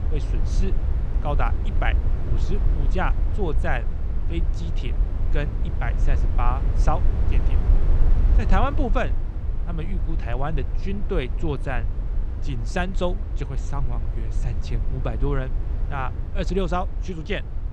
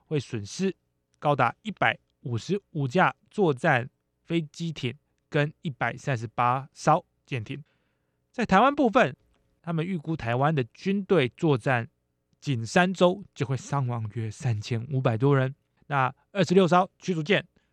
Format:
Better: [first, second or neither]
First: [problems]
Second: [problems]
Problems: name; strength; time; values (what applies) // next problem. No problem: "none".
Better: second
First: low rumble; noticeable; throughout; 10 dB below the speech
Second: none